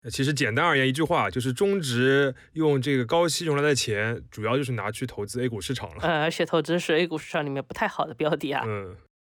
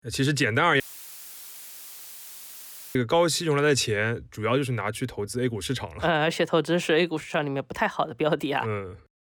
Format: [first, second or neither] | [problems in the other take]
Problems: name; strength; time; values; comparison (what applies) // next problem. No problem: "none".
first | audio cutting out; filled with static; at 1 s for 2 s